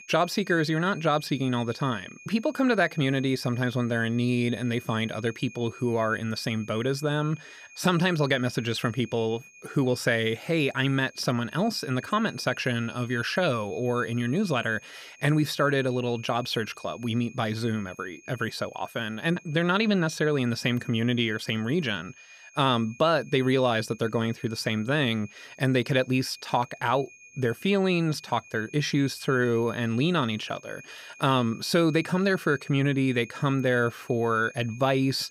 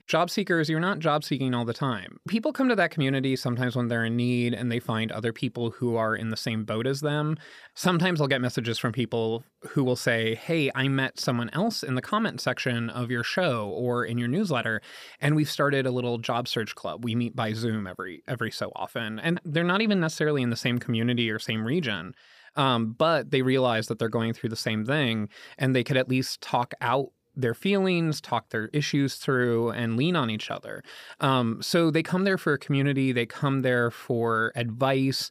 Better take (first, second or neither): second